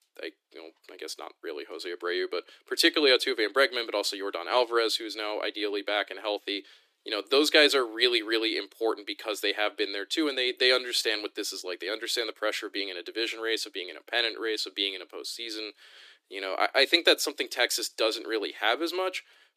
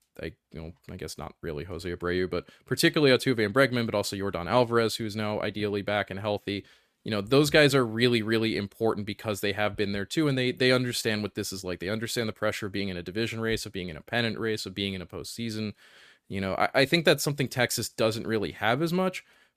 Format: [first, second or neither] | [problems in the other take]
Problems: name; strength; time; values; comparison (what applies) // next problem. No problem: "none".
second | thin; very; fading below 300 Hz